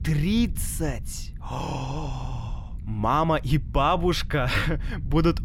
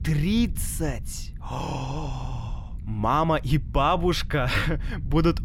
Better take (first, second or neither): neither